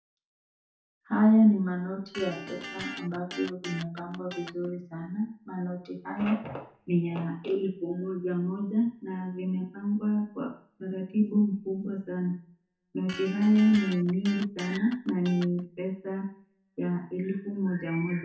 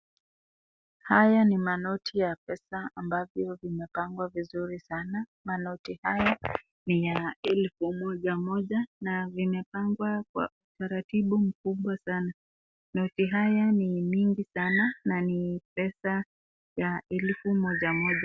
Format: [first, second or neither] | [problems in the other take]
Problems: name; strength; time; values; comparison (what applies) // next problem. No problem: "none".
second | background sound (Electric guitar); 13 dB below the speech // room echo; dies away in 0.7 s